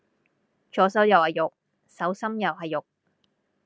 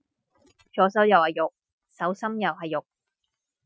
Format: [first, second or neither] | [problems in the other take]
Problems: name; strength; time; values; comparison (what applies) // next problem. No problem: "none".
first | noise reduction (classical method Wiener filter)